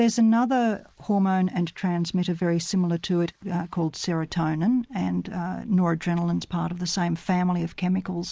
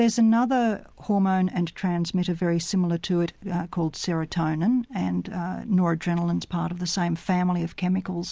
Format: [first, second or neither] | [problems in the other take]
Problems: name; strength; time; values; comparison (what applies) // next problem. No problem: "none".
second | noise reduction (neural mask model Resemble Enhance denoiser)